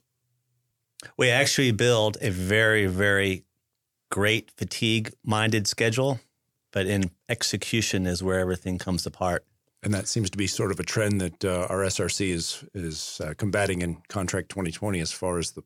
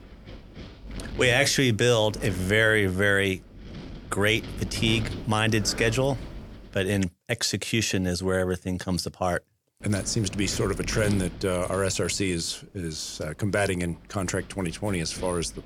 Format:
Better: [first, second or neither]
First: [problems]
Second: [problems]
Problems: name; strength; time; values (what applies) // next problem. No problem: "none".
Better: first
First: none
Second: wind noise on the microphone; occasional gusts; until 7 s and from 10 s on; 20 dB below the speech